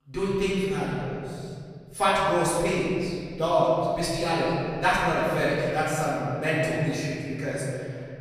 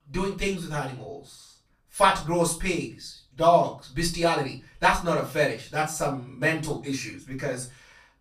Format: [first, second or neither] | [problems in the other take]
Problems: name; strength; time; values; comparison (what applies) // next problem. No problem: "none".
second | room echo; strong; dies away in 2.8 s; slight in the second // off-mic speech; far; far in the second